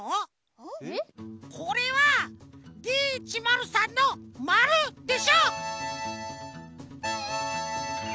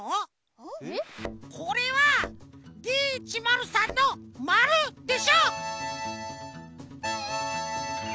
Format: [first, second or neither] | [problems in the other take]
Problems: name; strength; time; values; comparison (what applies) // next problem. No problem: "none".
first | background sound (Thump, thud); 15 dB below the speech